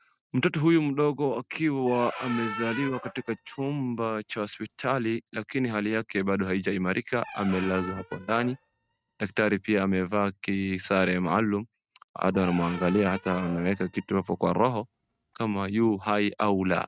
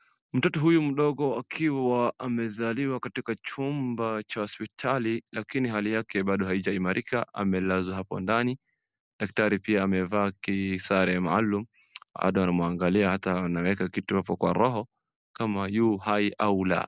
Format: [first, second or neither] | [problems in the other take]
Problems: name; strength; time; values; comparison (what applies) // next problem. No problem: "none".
second | noise reduction (neural mask model RNNoise)